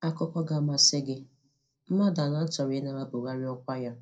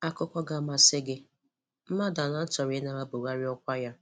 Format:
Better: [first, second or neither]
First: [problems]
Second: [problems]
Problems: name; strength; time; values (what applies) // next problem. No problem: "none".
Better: second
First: room echo; dies away in 0.2 s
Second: none